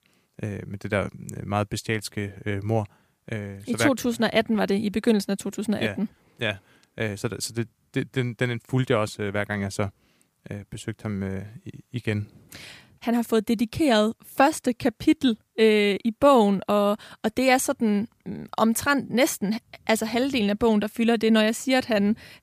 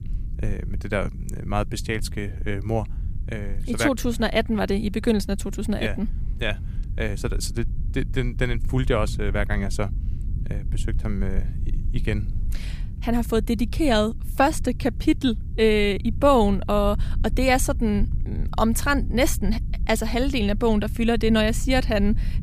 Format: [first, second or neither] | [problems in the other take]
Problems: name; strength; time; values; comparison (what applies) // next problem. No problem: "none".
first | low rumble; faint; throughout; 20 dB below the speech